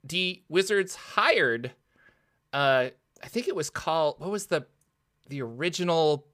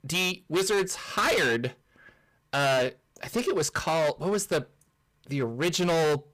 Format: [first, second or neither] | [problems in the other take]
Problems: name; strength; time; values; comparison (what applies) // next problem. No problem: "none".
first | distortion; heavy; 16% of the sound clipped